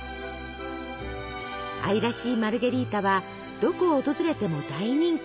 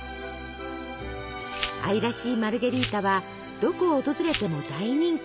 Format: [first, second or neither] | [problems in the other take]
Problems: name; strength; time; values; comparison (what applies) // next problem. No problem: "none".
first | background sound (Glass); 12 dB below the speech